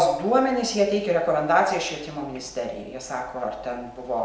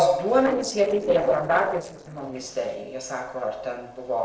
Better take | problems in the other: first | noise reduction (neural separator model SepFormer DNS4)

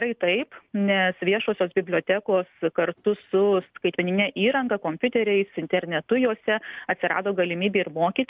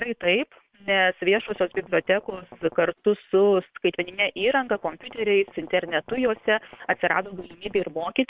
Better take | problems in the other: first | noise reduction (neural separator model SepFormer WHAM!)

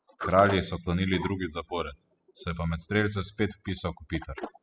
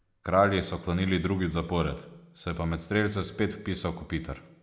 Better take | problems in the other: second | noise reduction (classical method spectral subtraction)

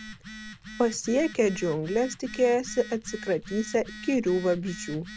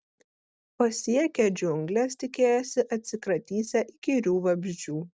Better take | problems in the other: second | background sound (Telephone); 15 dB below the speech

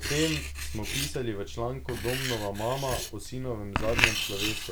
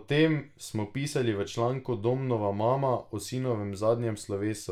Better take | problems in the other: second | background sound (Writing); as loud as the speech

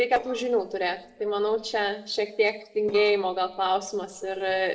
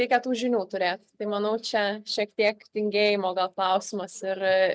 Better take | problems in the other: second | noise reduction (neural separator model SepFormer DNS4)

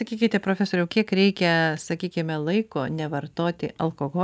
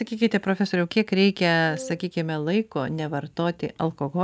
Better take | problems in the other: first | background sound (Wind instrument, woodwind instrument); 15 dB below the speech

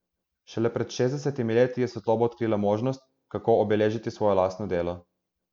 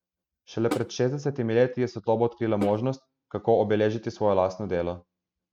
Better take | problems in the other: first | noise reduction (neural mask model RNNoise)

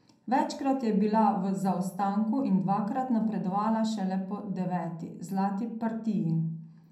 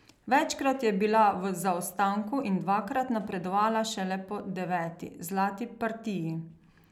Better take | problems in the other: second | room echo; dies away in 0.5 s

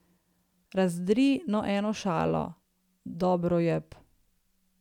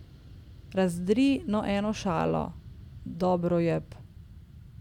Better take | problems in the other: first | background sound (Fixed-wing aircraft, airplane); 17 dB below the speech

